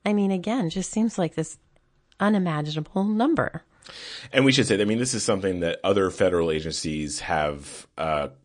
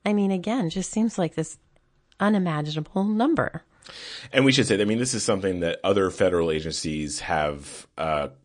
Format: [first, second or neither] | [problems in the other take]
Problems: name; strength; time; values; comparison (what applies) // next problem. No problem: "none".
neither | garbled, watery; slightly; nothing above 9 kHz; the same in both